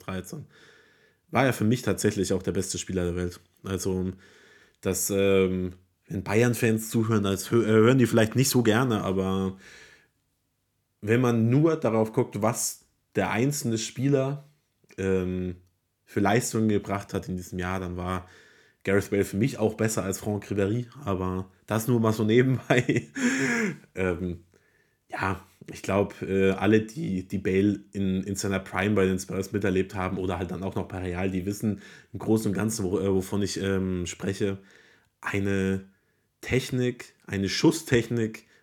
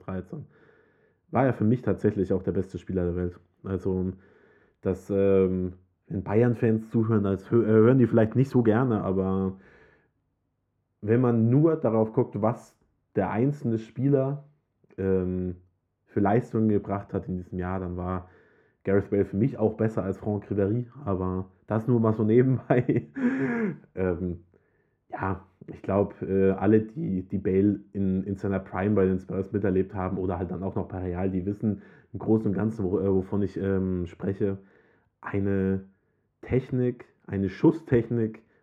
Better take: first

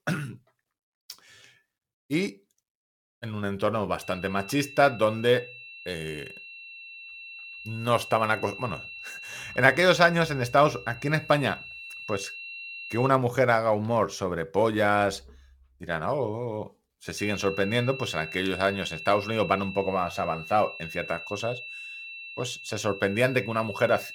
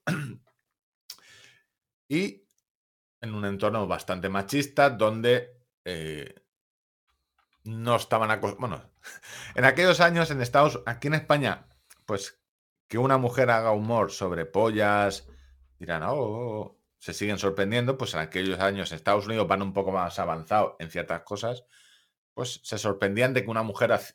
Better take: second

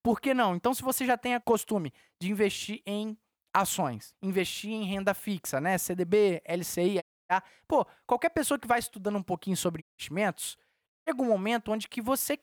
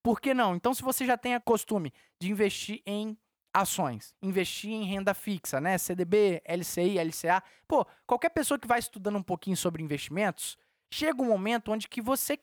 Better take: second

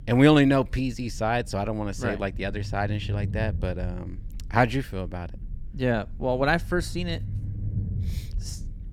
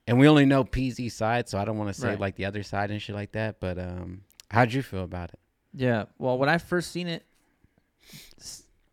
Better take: second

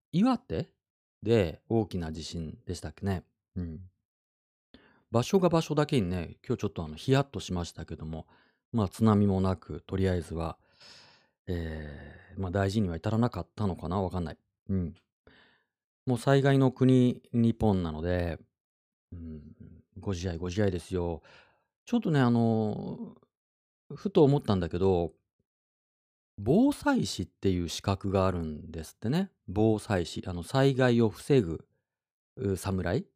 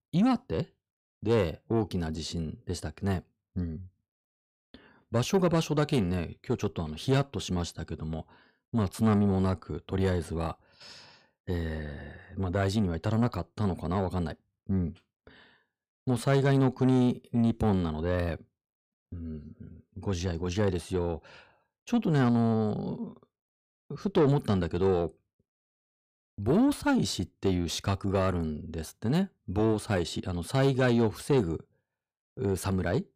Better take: first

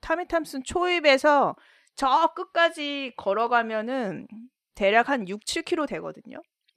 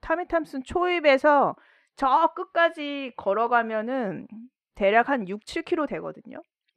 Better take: first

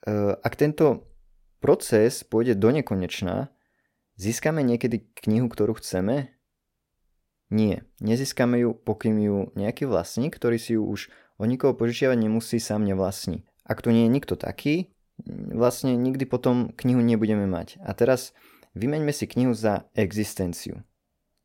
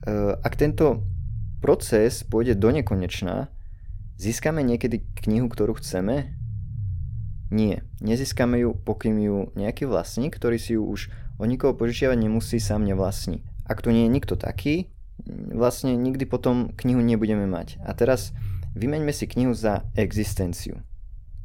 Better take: first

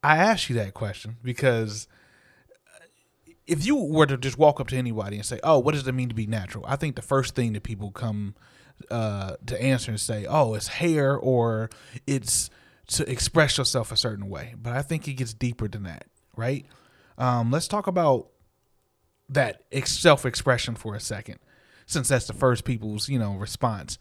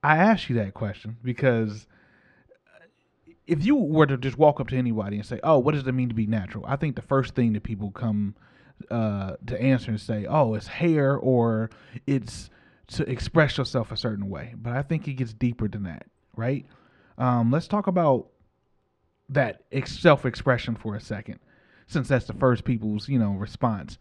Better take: first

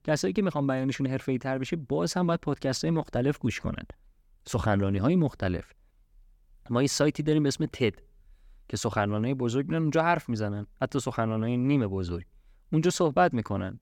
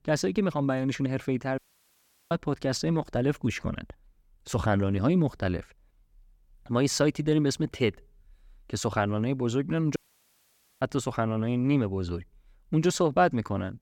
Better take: first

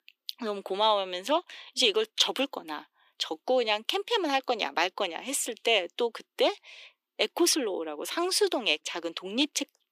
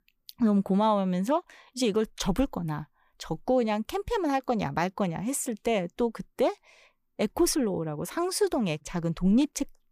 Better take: second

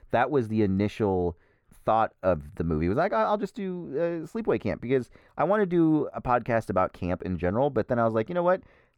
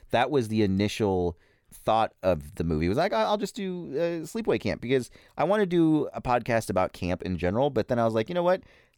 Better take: second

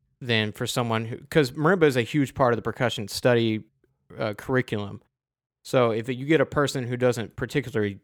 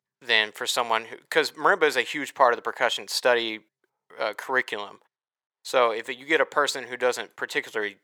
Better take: first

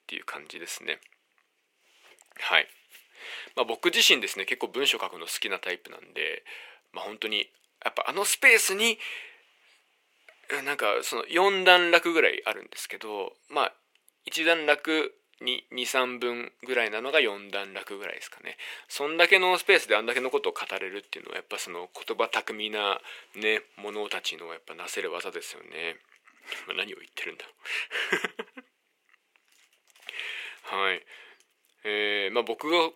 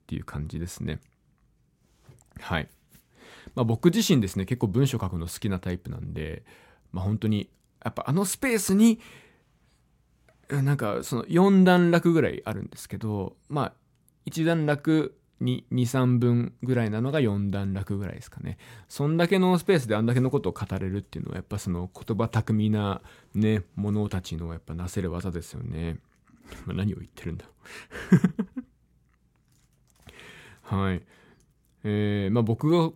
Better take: second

